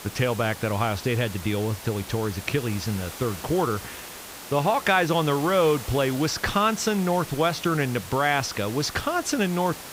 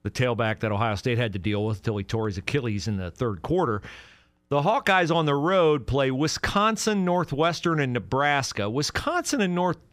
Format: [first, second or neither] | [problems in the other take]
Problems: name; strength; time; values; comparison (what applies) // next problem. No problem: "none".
second | hiss; noticeable; throughout; 15 dB below the speech